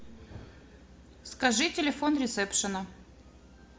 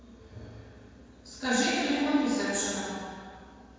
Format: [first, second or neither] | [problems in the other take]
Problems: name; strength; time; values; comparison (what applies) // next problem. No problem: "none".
first | room echo; dies away in 1.9 s